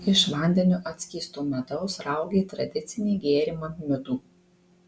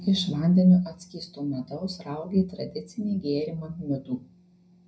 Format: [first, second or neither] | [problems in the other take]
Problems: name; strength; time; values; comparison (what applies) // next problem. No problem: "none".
first | room echo; dies away in 0.4 s